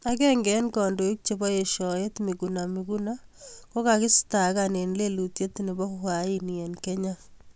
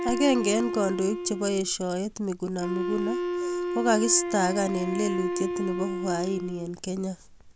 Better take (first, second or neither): first